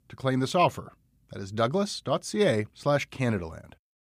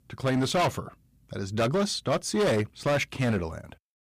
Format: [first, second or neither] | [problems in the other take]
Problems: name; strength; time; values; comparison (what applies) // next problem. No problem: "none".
first | distortion; heavy; 11% of the sound clipped